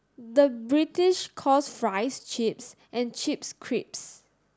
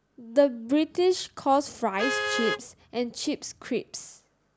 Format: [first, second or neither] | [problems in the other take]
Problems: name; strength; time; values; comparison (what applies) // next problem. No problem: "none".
first | background sound (Vehicle horn, car horn, honking); 8 dB below the speech